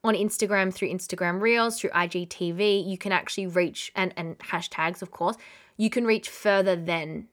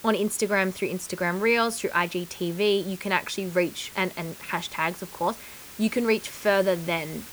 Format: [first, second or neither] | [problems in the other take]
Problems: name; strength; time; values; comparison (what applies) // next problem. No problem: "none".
first | hiss; noticeable; throughout; 15 dB below the speech